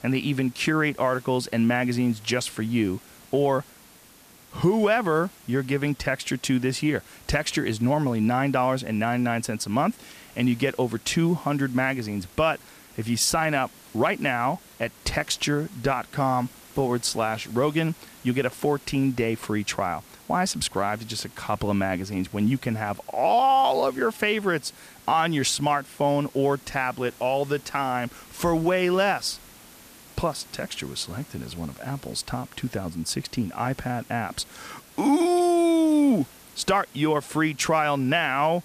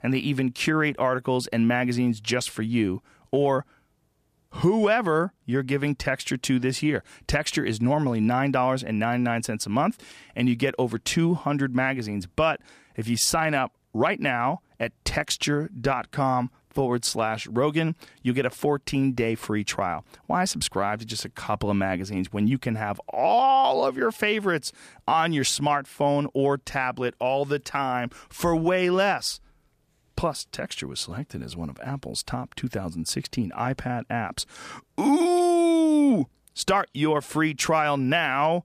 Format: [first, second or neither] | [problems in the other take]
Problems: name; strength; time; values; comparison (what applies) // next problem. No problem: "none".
second | hiss; faint; throughout; 25 dB below the speech